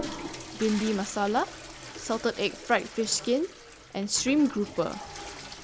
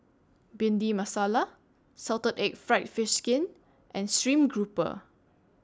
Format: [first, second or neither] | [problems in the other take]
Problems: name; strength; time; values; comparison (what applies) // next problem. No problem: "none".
second | background sound (Toilet flush / Water); 12 dB below the speech